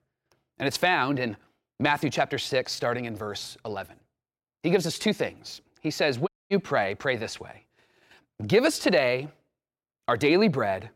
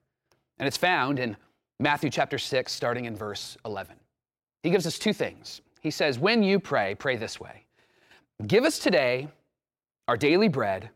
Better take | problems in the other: second | audio cutting out; at 6.5 s

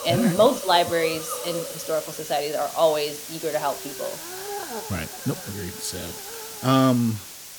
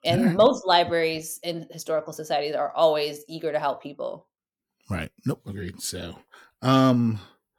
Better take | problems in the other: second | hiss; loud; throughout; 9 dB below the speech

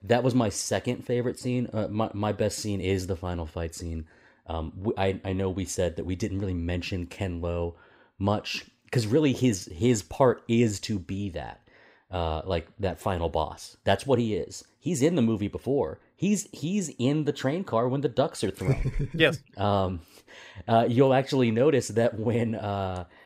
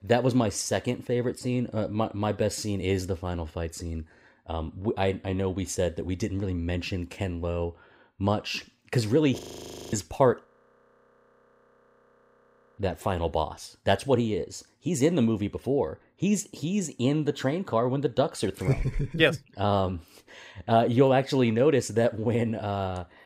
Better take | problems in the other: first | audio freezing; at 9.5 s for 0.5 s and at 10 s for 2.5 s

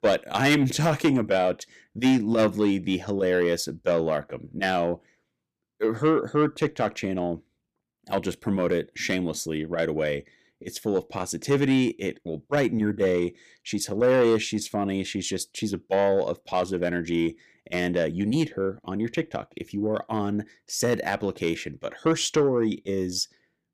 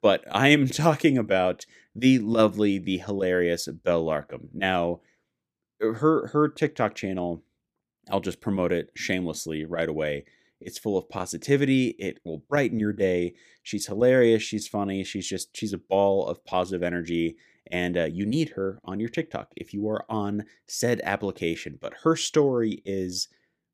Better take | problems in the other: second | distortion; slight; 10 dB below the speech

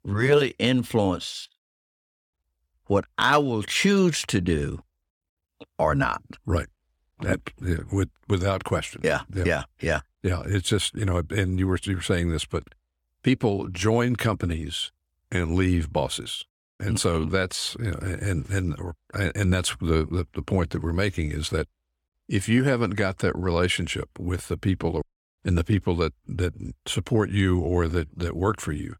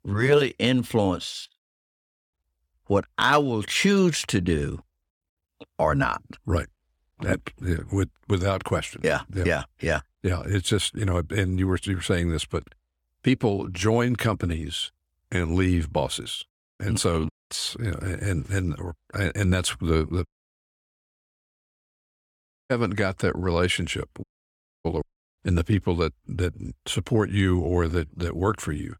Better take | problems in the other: first | audio cutting out; at 17 s, at 20 s for 2.5 s and at 24 s for 0.5 s

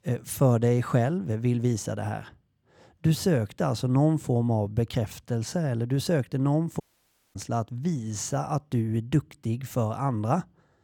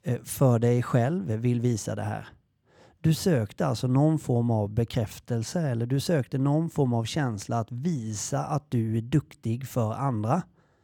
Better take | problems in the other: second | audio cutting out; at 7 s for 0.5 s

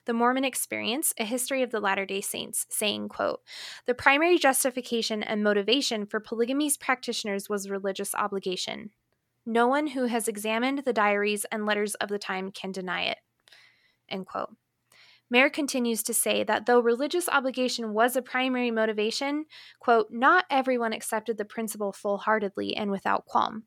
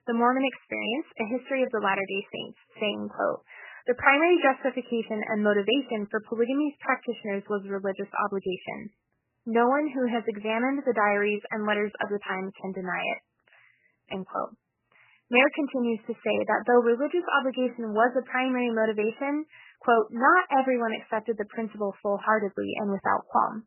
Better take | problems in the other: first | garbled, watery; badly; nothing above 3 kHz

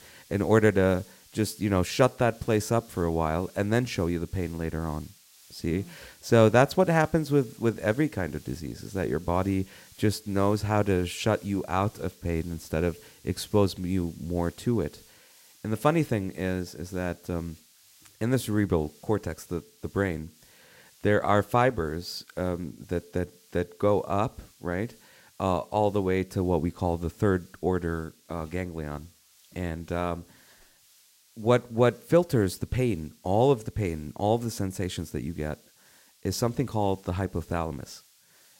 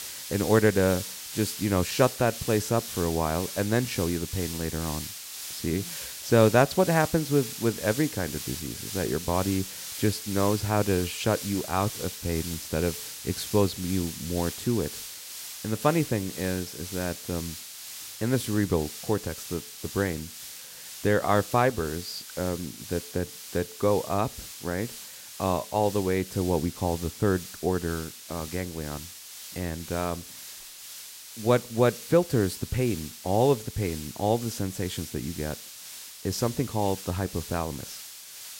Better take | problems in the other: first | hiss; loud; throughout; 9 dB below the speech; faint in the first

